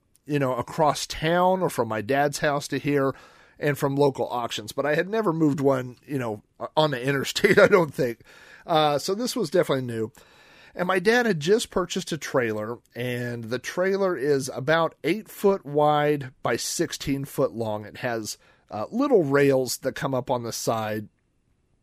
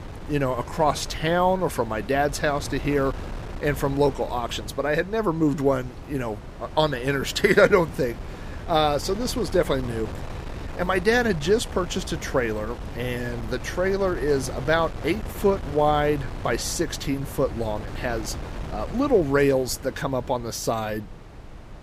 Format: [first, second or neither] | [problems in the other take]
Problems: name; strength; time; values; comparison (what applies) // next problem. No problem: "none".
first | wind noise on the microphone; occasional gusts; 15 dB below the speech